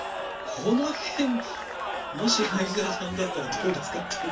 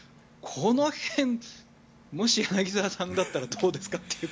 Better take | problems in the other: second | background sound (Crowd / Cheering); 4 dB below the speech // room echo; dies away in 0.2 s

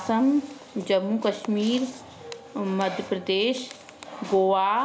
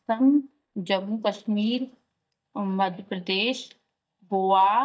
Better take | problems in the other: first | noise reduction (neural mask model DeepFilterNet 3)

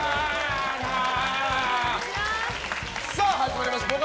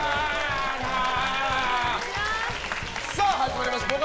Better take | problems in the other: first | background sound (Telephone); 15 dB below the speech

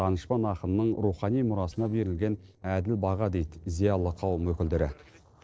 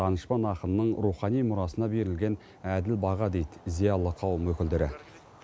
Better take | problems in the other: second | noise reduction (neural separator model SepFormer DNS4)

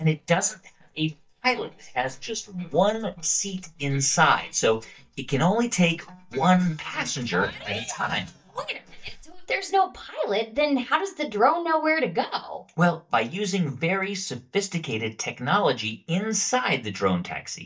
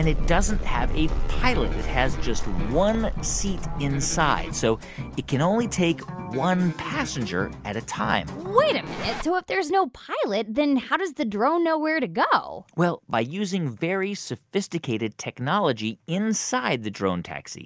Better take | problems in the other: second | noise reduction (neural mask model DeepFilterNet 3)

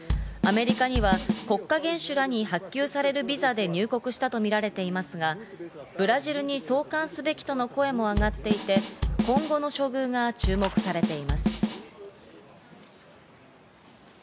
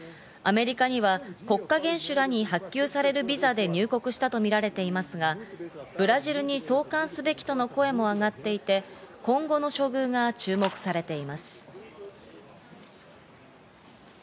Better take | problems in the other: second | background sound (Drum kit); 1 dB below the speech

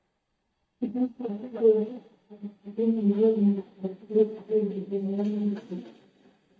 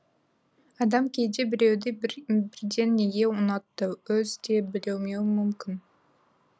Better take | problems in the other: second | noise reduction (neural mask model DeepFilterNet 3)

